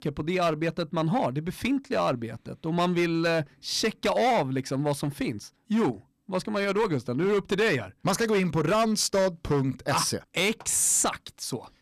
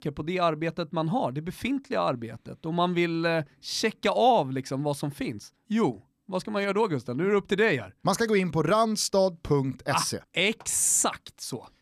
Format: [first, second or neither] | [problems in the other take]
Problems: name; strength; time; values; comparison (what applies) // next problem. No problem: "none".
second | distortion; slight; 9% of the sound clipped